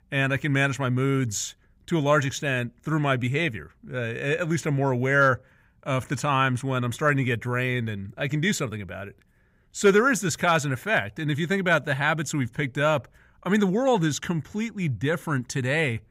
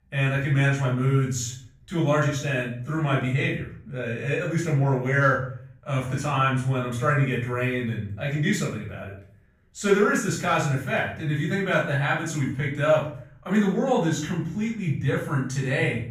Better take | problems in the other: first | off-mic speech; far // room echo; noticeable; dies away in 0.5 s

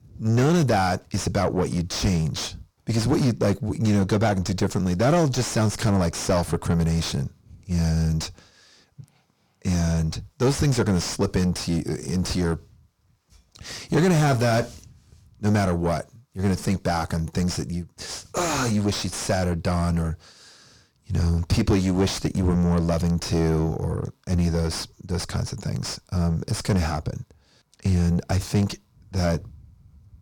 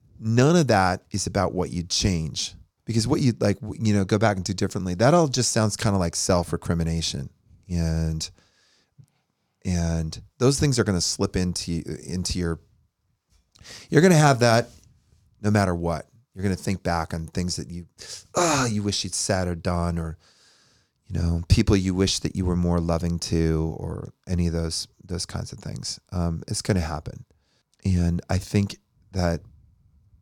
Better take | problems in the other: second | distortion; heavy; 5 dB below the speech

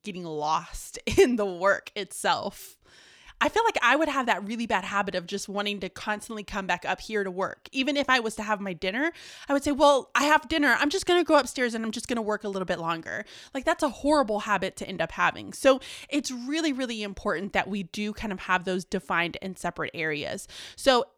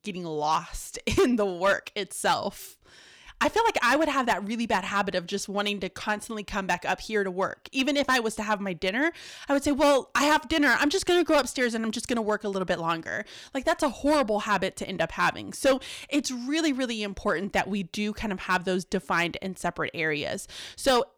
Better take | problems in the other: first | distortion; slight; 3% of the sound clipped

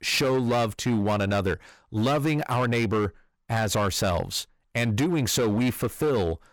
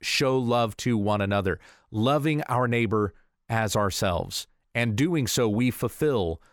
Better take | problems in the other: second | distortion; slight; 14% of the sound clipped

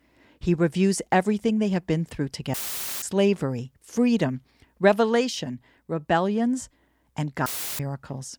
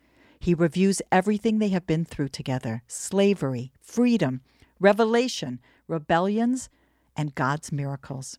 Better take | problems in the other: second | audio cutting out; filled with static; at 2.5 s and at 7.5 s

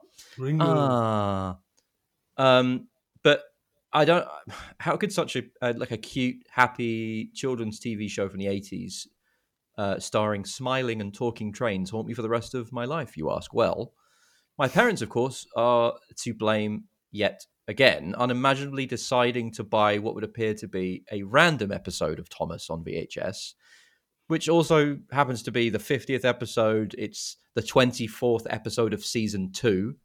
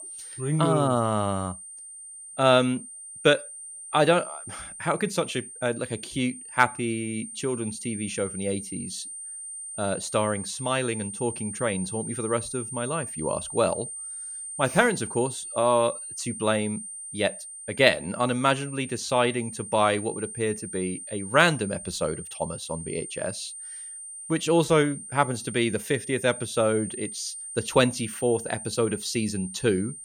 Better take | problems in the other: first | high-pitched whine; loud; throughout; 9 kHz, 10 dB below the speech

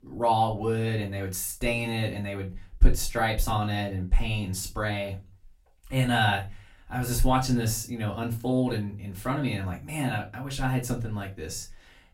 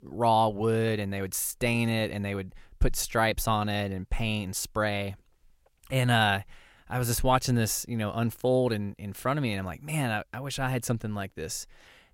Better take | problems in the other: second | off-mic speech; far // room echo; very slight; dies away in 0.2 s

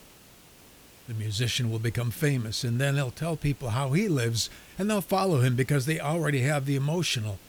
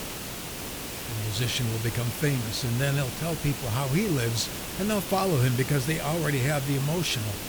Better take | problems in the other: first | hiss; loud; throughout; 6 dB below the speech; faint in the first

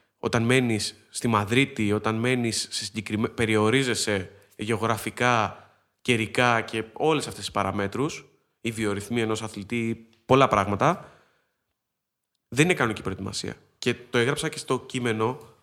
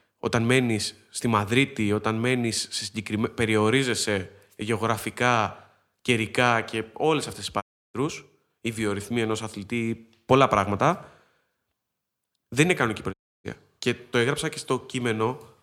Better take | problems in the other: first | audio cutting out; at 7.5 s and at 13 s

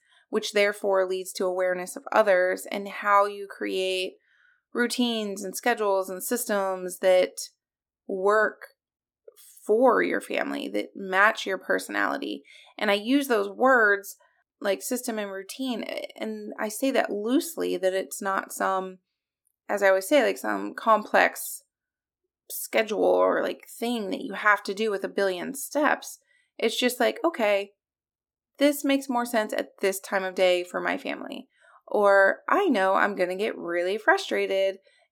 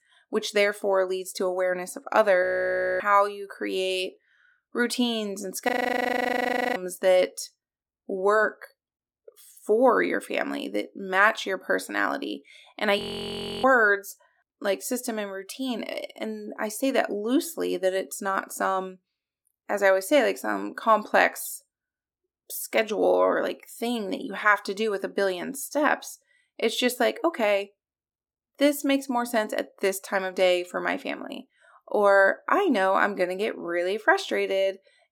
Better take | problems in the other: first | audio freezing; at 2.5 s for 0.5 s, at 5.5 s for 1 s and at 13 s for 0.5 s

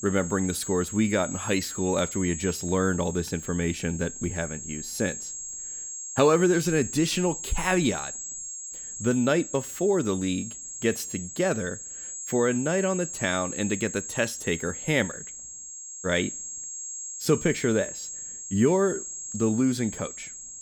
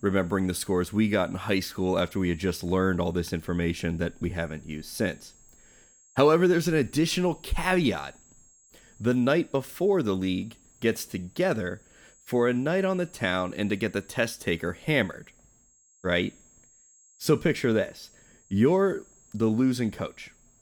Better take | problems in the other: second | high-pitched whine; loud; throughout; 7.5 kHz, 8 dB below the speech; faint in the second

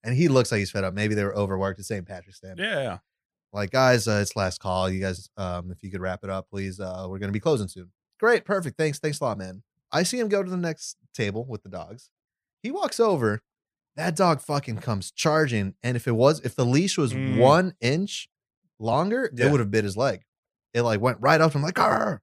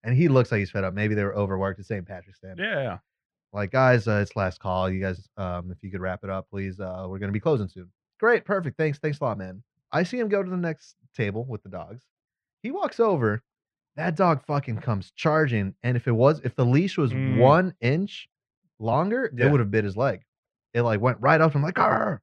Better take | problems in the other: first | muffled; slightly; fading above 2.5 kHz

